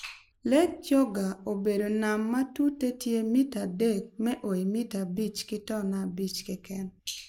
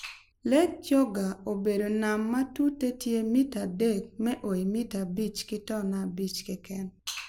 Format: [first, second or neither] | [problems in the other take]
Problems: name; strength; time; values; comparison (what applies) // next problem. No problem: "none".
second | noise reduction (neural mask model Resemble Enhance denoiser)